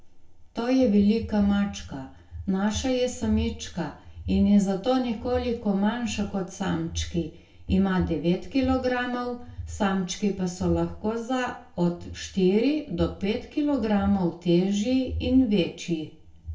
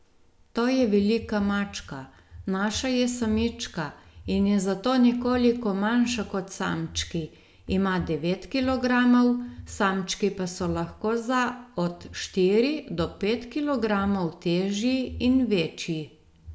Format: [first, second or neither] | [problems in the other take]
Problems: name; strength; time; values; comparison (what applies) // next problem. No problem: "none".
second | room echo; dies away in 0.2 s